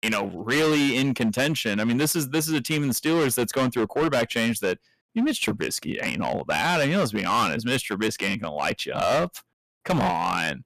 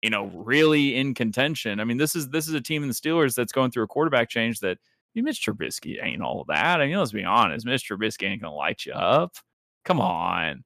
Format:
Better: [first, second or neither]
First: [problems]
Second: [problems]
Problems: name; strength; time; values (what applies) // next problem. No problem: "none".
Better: second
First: distortion; heavy; 15% of the sound clipped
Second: none